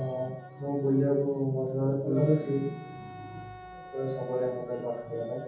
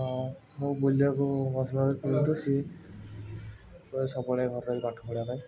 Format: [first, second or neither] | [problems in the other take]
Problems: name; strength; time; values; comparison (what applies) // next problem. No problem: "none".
second | background sound (Wind instrument, woodwind instrument); 19 dB below the speech // room echo; dies away in 0.6 s